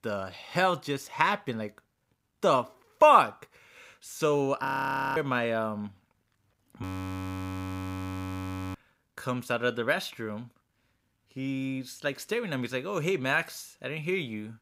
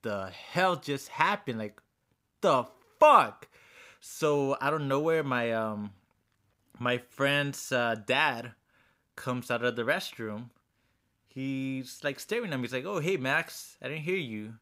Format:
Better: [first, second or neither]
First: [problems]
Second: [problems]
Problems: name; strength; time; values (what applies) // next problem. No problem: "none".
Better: second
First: audio freezing; at 4.5 s for 0.5 s and at 7 s for 2 s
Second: none